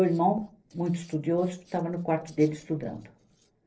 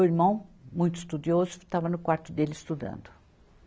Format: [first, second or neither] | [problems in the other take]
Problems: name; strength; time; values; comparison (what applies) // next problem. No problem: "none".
second | noise reduction (neural separator model SepFormer DNS4)